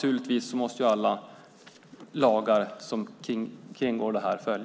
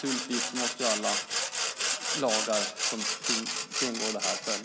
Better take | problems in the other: first | background sound (Sawing); 3 dB above the speech

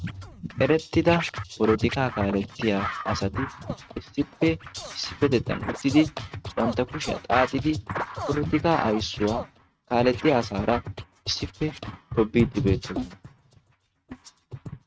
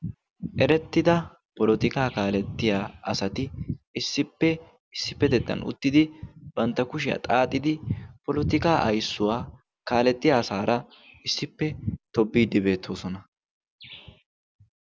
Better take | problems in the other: second | noise reduction (neural mask model RNNoise)

